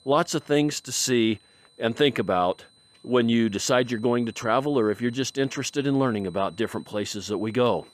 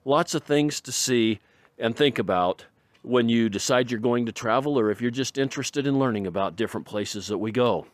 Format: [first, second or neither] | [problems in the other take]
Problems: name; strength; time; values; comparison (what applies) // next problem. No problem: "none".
second | high-pitched whine; faint; throughout; 4 kHz, 30 dB below the speech